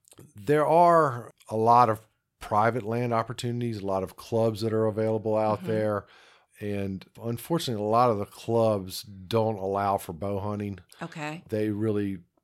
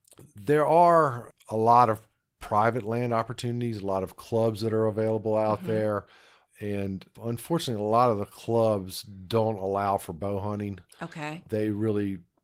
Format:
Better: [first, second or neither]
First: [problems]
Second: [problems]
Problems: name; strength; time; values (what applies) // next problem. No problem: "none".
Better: first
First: none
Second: garbled, watery; slightly; nothing above 16 kHz